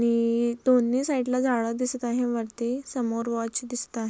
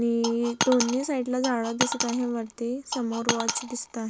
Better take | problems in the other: first | background sound (Coin (dropping)); 5 dB below the speech

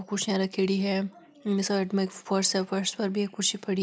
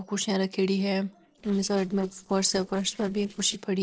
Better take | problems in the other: first | noise reduction (neural separator model SepFormer DNS4)

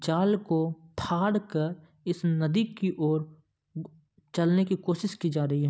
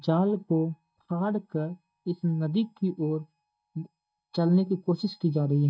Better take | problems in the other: first | noise reduction (neural mask model DeepFilterNet 3)

